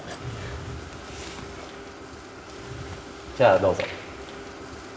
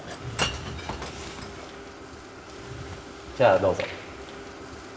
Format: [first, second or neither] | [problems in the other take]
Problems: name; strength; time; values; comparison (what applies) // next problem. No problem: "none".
first | background sound (Shatter / Crushing); 8 dB below the speech